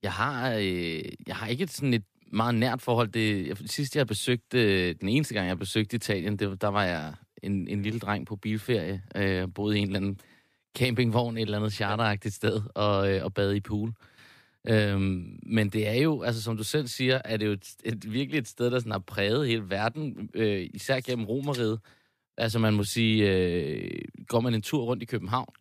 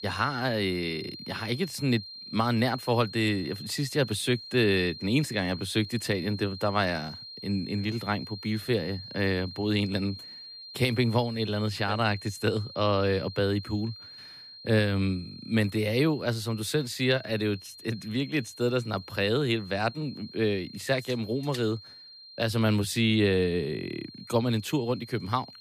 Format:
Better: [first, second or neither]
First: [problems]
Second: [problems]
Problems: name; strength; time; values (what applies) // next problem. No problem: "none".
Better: first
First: none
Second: high-pitched whine; noticeable; throughout; 4 kHz, 15 dB below the speech